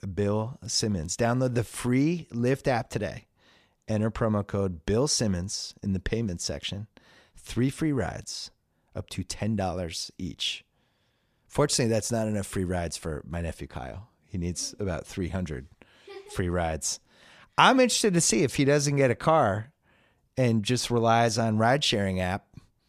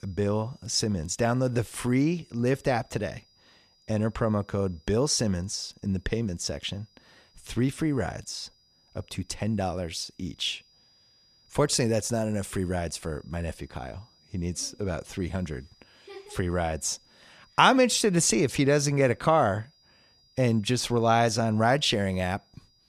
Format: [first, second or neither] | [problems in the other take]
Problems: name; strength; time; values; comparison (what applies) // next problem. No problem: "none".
first | high-pitched whine; faint; throughout; 5 kHz, 35 dB below the speech